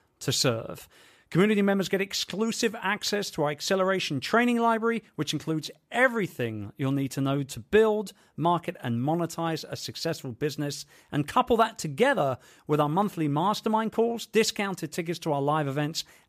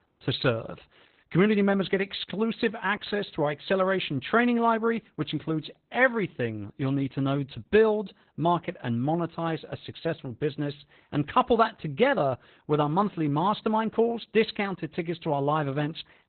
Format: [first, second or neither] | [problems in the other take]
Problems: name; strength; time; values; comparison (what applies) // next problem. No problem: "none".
first | garbled, watery; badly; nothing above 4 kHz